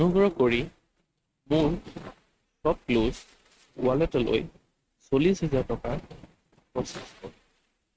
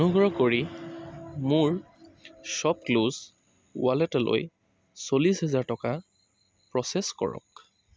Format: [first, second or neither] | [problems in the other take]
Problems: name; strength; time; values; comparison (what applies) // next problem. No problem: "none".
second | noise reduction (neural mask model RNNoise)